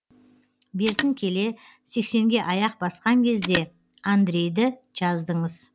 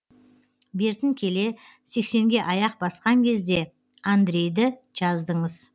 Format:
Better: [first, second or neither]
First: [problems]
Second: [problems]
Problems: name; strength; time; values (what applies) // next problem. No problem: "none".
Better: second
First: background sound (Telephone); 14 dB below the speech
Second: none